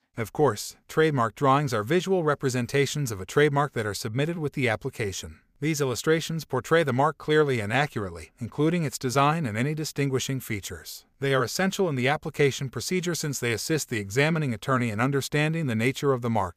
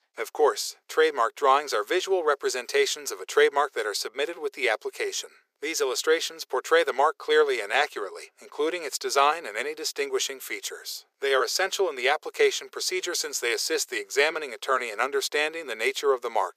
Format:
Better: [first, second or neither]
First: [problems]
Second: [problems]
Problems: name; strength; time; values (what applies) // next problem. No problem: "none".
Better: first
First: none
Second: thin; very; fading below 400 Hz